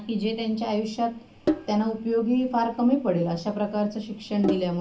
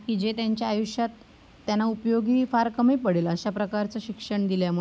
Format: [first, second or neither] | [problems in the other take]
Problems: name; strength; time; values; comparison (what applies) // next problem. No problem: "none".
second | background sound (Sink (filling or washing)); 9 dB below the speech // room echo; dies away in 0.3 s